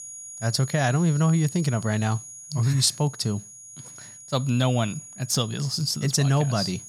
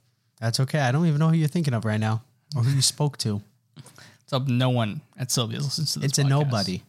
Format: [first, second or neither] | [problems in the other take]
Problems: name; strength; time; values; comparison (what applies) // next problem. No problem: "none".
second | high-pitched whine; noticeable; throughout; 6.5 kHz, 15 dB below the speech